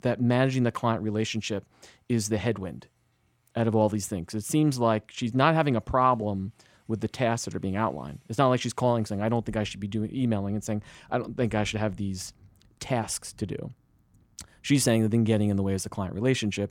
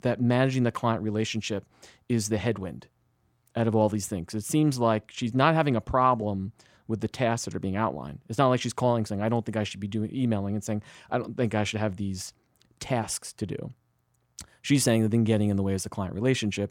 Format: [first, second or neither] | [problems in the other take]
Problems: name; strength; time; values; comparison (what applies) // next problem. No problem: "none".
second | rain or running water; faint; throughout; 30 dB below the speech